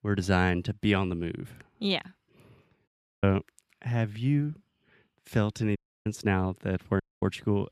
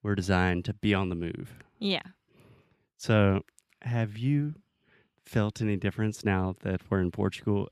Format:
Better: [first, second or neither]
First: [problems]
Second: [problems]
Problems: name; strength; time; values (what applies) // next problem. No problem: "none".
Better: second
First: audio cutting out; at 3 s, at 6 s and at 7 s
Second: none